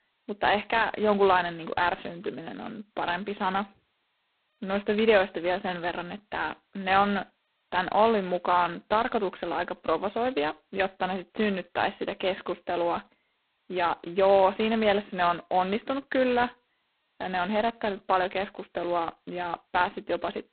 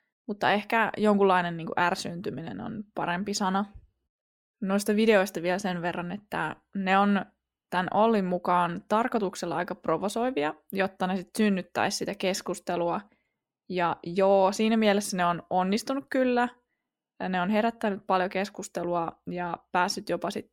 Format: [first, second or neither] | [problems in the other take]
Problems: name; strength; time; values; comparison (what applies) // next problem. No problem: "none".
second | phone-call audio; poor line; nothing above 4 kHz